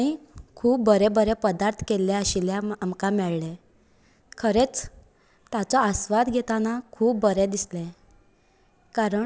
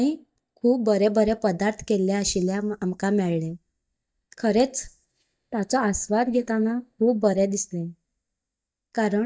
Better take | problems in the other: first | noise reduction (neural mask model DeepFilterNet 3)

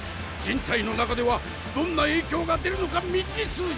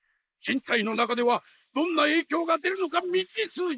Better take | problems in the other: first | noise reduction (neural mask model Resemble Enhance denoiser)

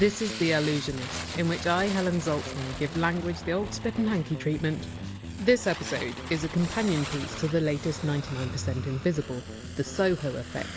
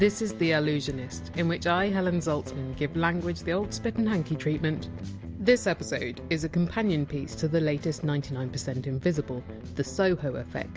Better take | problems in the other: second | background sound (Breathing + Fire); 12 dB below the speech

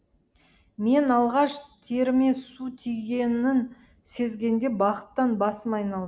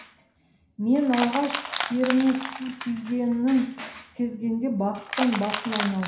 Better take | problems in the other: first | background sound (Crushing); 9 dB below the speech // room echo; dies away in 0.5 s

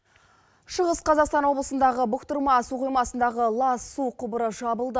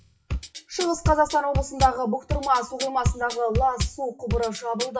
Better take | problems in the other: first | noise reduction (classical method WPE with log-MMSE)

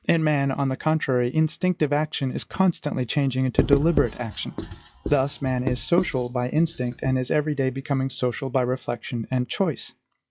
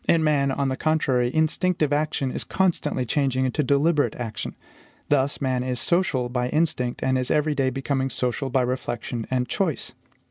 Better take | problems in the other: second | noise reduction (classical method log-MMSE)

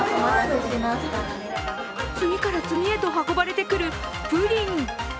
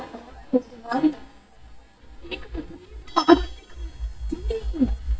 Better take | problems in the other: first | noise reduction (neural mask model DeepFilterNet 3)

